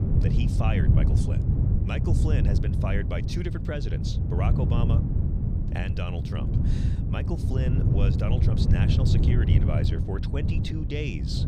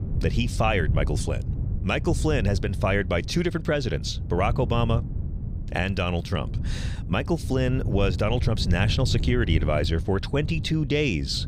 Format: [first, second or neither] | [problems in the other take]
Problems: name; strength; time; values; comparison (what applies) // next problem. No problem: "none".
second | wind noise on the microphone; heavy; 1 dB below the speech; occasional gusts in the second